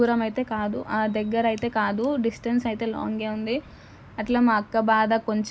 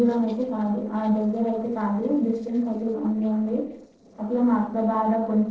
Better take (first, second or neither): first